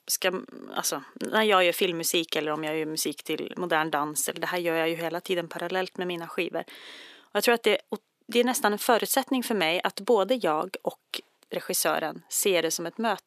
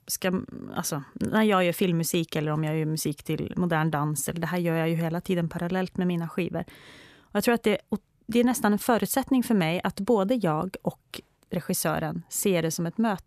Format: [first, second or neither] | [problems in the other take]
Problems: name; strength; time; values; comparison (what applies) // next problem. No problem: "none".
second | thin; somewhat; fading below 300 Hz